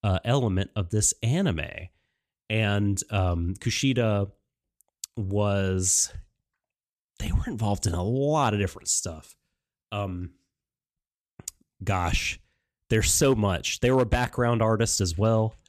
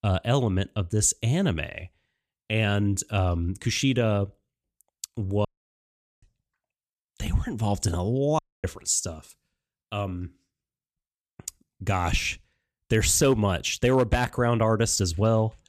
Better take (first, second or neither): first